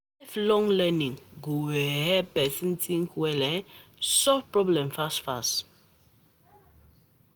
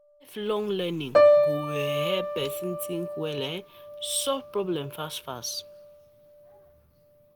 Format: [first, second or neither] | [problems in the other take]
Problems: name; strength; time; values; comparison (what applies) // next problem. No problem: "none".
first | background sound (Piano); 4 dB above the speech